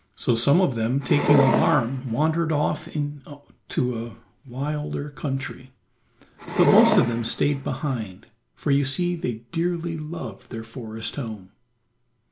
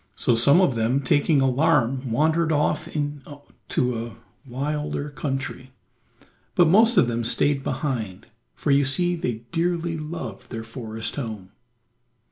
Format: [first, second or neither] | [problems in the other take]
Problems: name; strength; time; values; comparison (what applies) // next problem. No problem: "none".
second | background sound (Wood); as loud as the speech